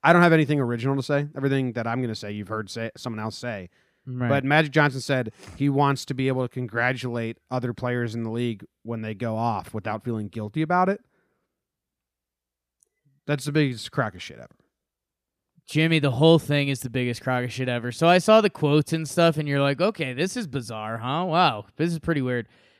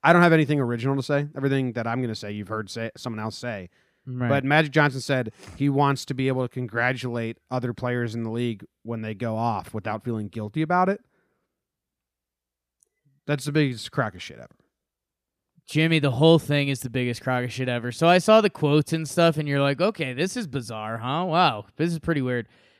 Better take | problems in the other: neither | none

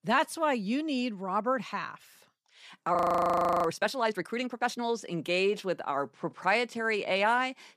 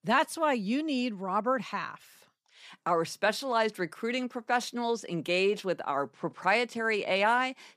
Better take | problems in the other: second | audio freezing; at 3 s for 0.5 s

